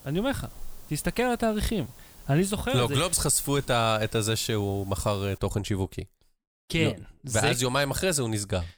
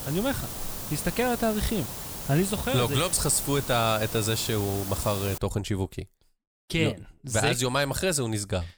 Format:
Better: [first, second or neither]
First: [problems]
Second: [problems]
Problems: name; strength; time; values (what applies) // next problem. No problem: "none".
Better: first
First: hiss; faint; until 5.5 s; 25 dB below the speech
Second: hiss; loud; until 5.5 s; 8 dB below the speech